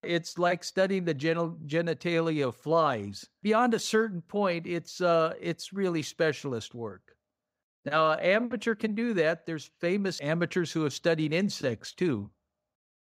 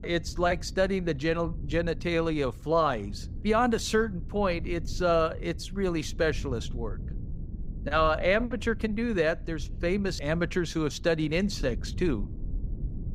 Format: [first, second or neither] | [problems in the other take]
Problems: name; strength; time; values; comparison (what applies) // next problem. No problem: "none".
first | low rumble; faint; throughout; 25 dB below the speech